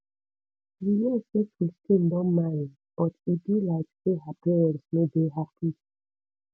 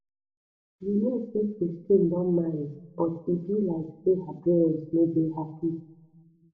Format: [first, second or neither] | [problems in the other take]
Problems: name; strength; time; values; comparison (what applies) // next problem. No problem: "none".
first | room echo; dies away in 0.5 s